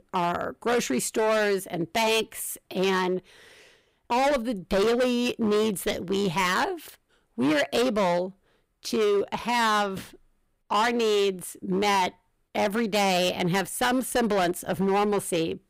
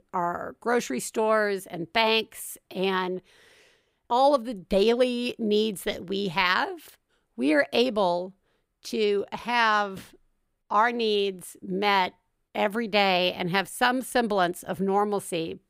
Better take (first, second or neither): second